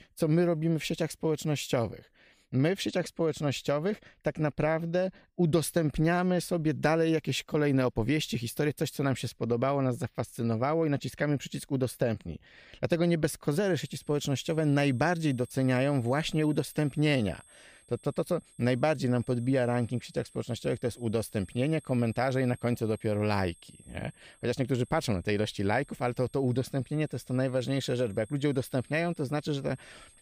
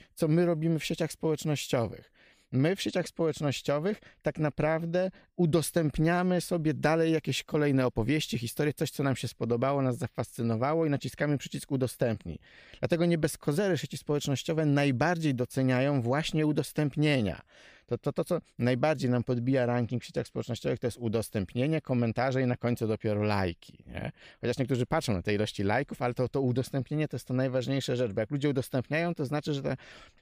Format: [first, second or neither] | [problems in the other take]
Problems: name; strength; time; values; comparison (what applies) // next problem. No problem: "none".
second | high-pitched whine; faint; from 14 s on; 8.5 kHz, 25 dB below the speech